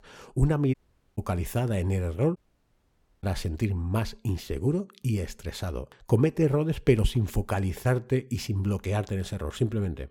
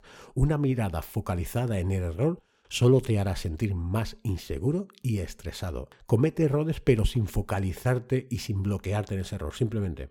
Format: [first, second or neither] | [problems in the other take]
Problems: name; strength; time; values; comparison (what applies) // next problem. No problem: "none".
second | audio cutting out; at 0.5 s and at 2.5 s for 1 s